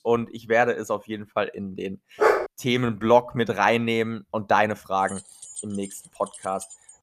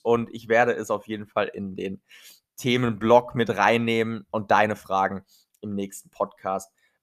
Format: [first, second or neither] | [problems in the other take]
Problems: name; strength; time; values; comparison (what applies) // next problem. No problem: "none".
second | dog barking; loud; at 2 s; peak 4 dB above the speech // jangling keys; faint; from 5 s on; peak 10 dB below the speech